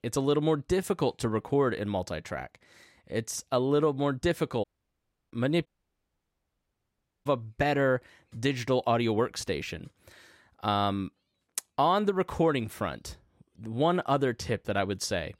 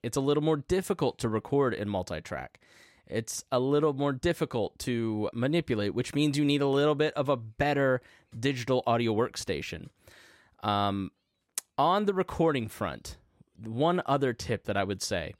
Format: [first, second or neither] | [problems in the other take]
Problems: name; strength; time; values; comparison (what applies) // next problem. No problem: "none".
second | audio cutting out; at 4.5 s for 0.5 s and at 5.5 s for 1.5 s